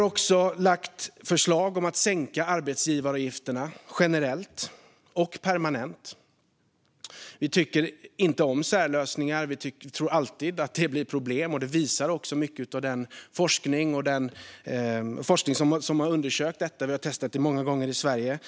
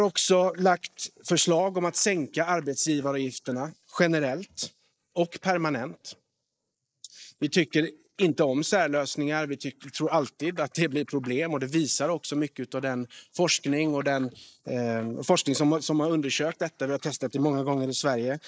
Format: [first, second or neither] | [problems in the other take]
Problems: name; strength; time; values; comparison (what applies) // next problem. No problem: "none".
first | noise reduction (neural mask model Resemble Enhance denoiser)